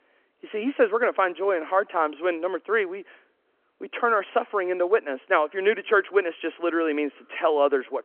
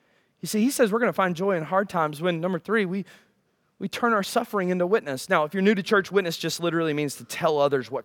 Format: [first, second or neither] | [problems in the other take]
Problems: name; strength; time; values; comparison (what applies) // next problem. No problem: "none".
second | phone-call audio